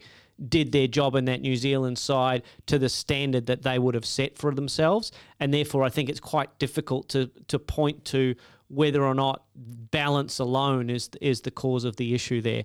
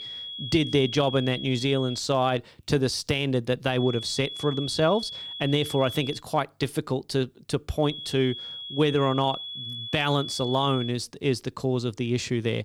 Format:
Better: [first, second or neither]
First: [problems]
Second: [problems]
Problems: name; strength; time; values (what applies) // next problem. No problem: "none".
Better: first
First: none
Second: high-pitched whine; loud; until 2 s, from 4 to 6 s and from 8 to 11 s; 3.5 kHz, 8 dB below the speech